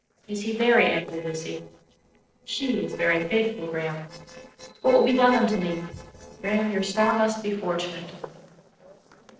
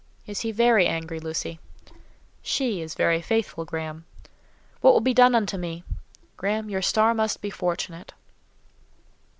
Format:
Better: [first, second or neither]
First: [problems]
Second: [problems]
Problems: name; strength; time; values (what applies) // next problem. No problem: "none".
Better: second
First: noise reduction (neural separator model SepFormer DNS4)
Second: none